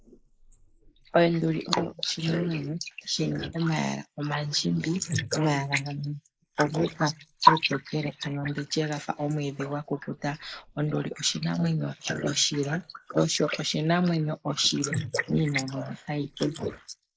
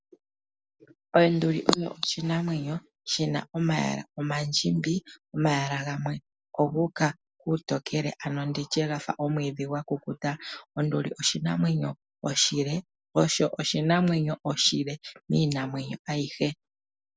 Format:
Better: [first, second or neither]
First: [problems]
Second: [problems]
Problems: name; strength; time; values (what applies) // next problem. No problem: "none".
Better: second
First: noise reduction (neural mask model Resemble Enhance denoiser)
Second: none